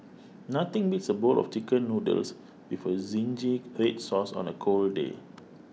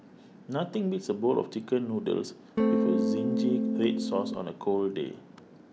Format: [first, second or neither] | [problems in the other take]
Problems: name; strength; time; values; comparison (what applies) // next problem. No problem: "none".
first | background sound (Electric guitar / Strum); 4 dB above the speech